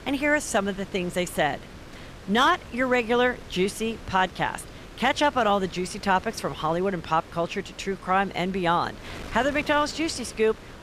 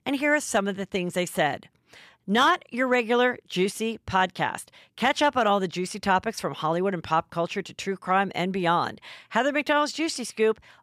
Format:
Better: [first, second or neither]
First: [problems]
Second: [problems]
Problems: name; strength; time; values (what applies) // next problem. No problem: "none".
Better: second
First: wind noise on the microphone; occasional gusts; 20 dB below the speech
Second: none